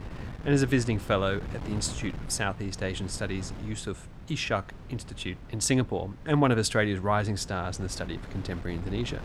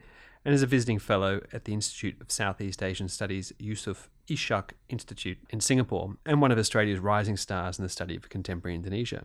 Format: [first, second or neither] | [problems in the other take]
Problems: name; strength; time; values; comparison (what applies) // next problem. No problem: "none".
second | wind noise on the microphone; occasional gusts; 15 dB below the speech